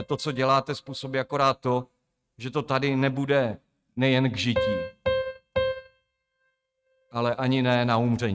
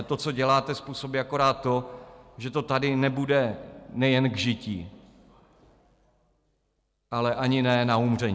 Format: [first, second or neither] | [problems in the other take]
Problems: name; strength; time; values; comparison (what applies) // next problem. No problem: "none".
second | noise reduction (neural mask model RNNoise)